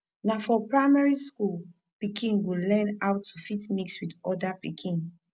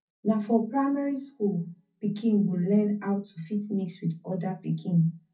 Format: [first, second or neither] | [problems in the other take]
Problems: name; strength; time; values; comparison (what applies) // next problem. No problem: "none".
first | room echo; dies away in 0.3 s